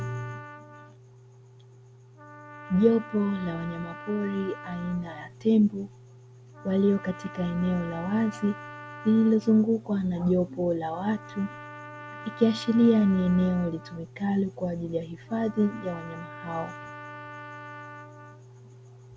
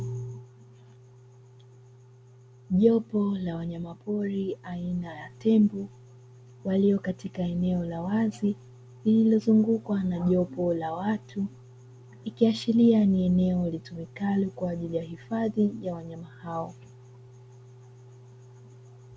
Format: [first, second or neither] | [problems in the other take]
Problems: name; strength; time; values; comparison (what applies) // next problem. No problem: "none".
second | background sound (Trumpet); 17 dB below the speech